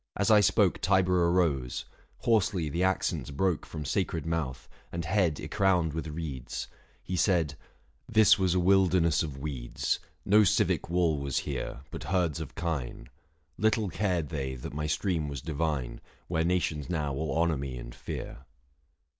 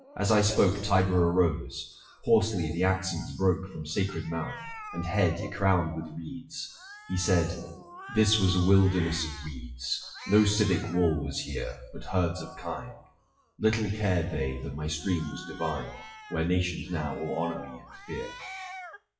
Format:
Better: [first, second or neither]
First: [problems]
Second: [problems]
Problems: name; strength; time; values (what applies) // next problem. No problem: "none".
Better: first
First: none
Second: noise reduction (classical method WPE with log-MMSE)